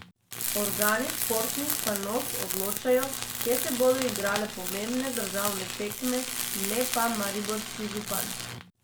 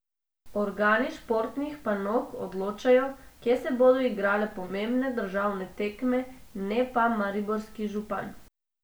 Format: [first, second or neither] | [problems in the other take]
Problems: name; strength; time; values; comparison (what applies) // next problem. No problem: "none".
second | background sound (Tools); 2 dB below the speech